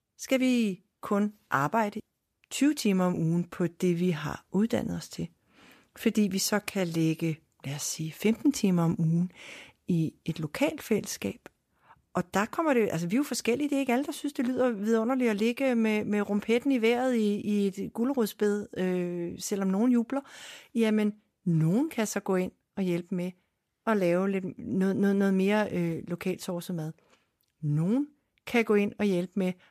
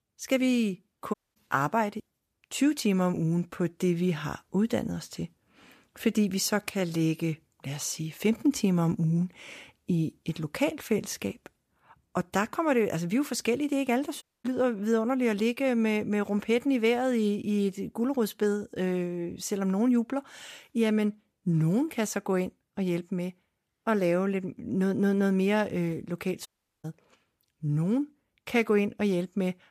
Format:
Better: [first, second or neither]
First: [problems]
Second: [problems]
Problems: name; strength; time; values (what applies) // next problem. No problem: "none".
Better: first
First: none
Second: audio cutting out; at 1 s, at 14 s and at 26 s